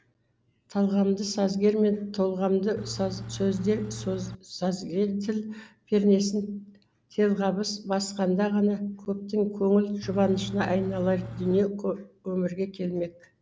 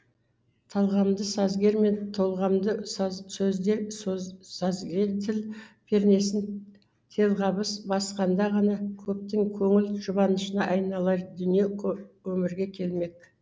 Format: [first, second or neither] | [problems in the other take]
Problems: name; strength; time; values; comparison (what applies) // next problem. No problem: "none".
second | background sound (Engine / Truck); 11 dB below the speech